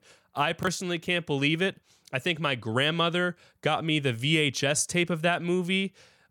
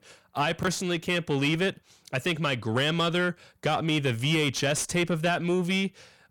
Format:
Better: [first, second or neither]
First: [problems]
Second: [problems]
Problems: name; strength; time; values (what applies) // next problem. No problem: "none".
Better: first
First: none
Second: distortion; slight; 10 dB below the speech